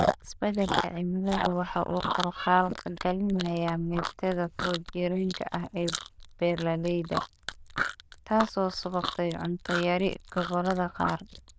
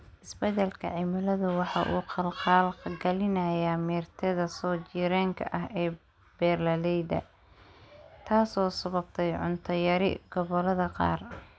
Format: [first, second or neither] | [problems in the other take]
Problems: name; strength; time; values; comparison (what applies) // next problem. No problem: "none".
second | noise reduction (neural diffusion model UNIVERSE++)